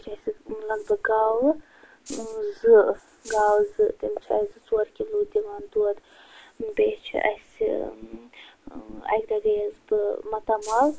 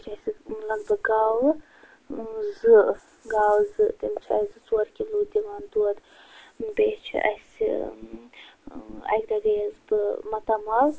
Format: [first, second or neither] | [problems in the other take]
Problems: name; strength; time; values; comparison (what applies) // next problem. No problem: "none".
second | background sound (Rattle (instrument)); 18 dB below the speech